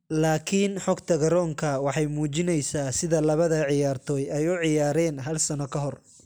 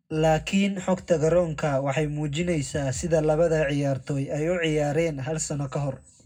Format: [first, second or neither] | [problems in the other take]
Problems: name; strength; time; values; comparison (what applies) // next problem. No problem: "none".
first | room echo; dies away in 0.3 s